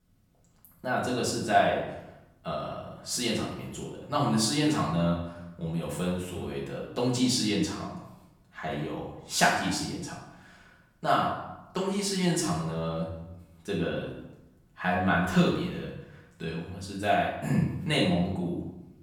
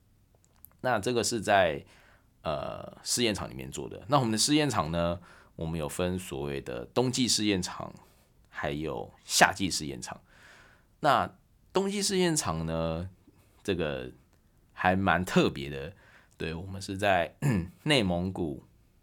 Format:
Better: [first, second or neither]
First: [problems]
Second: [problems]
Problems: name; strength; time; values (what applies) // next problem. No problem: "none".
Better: second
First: room echo; noticeable; dies away in 0.8 s // off-mic speech; far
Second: none